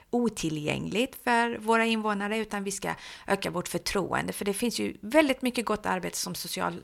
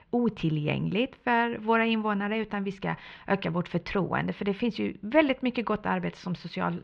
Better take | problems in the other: first | muffled; slightly; fading above 3.5 kHz

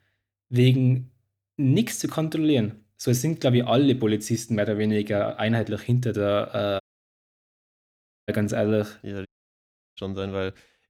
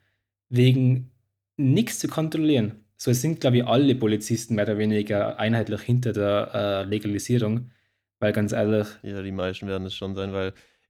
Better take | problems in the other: second | audio cutting out; at 7 s for 1.5 s and at 9.5 s for 0.5 s

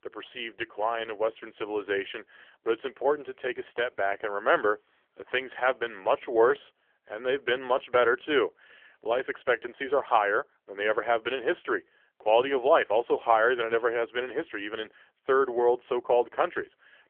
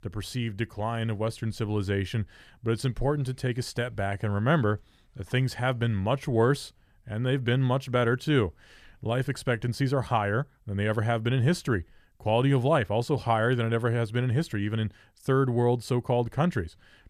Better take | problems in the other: second | phone-call audio; poor line; nothing above 3 kHz

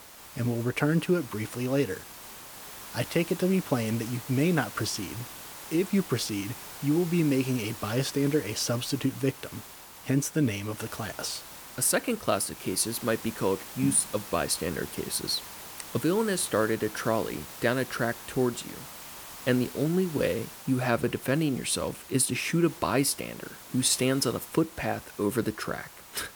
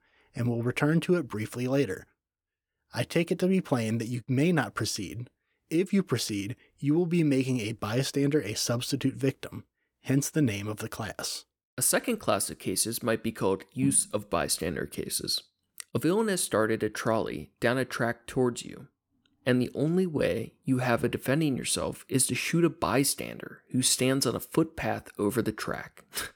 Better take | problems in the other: second | hiss; noticeable; throughout; 15 dB below the speech

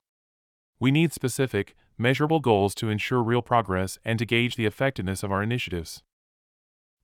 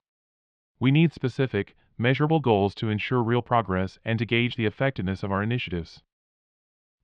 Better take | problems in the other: first | muffled; slightly; fading above 4 kHz

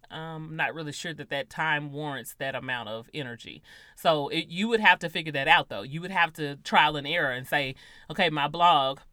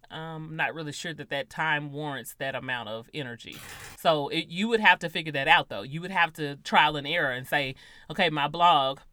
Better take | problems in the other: first | keyboard typing; faint; at 3.5 s; peak 15 dB below the speech

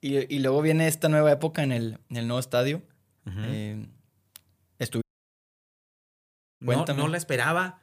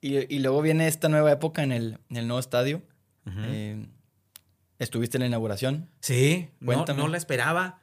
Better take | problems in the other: second | audio cutting out; at 5 s for 1.5 s

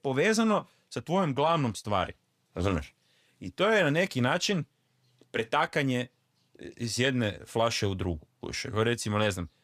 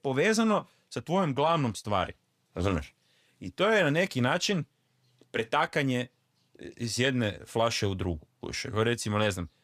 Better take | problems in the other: neither | none

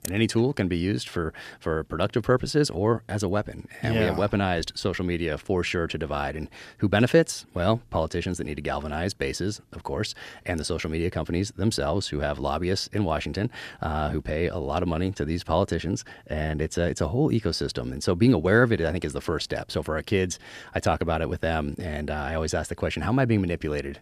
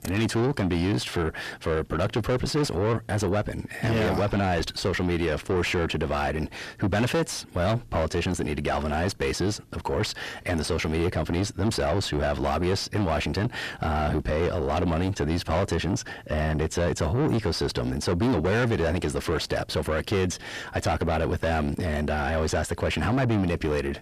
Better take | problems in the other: first | distortion; heavy; 6 dB below the speech

